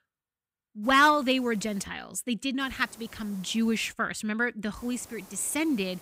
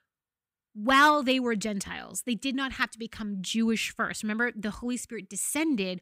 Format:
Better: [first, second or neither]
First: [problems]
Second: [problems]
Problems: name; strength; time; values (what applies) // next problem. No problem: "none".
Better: second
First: hiss; very faint; from 1 to 2 s, from 2.5 to 4 s and from 5 s on; 25 dB below the speech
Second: none